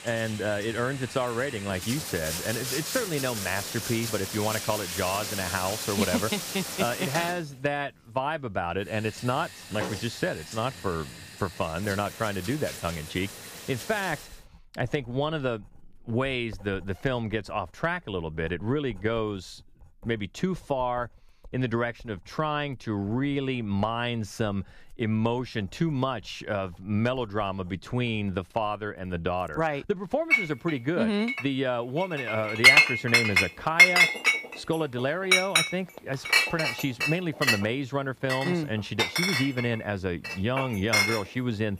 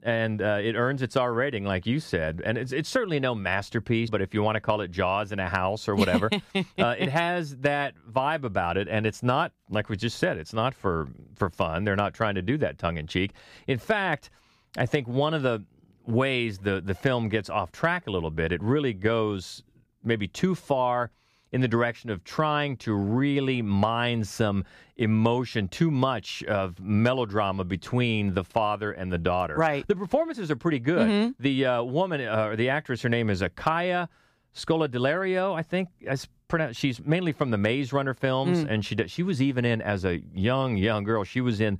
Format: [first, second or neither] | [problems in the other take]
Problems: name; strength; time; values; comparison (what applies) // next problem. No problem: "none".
second | household noises; very loud; throughout; 4 dB above the speech